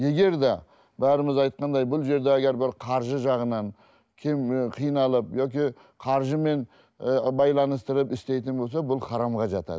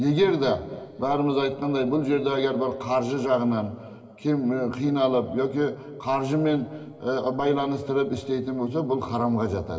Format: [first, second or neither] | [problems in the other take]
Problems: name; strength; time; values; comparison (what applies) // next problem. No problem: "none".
first | room echo; dies away in 1.8 s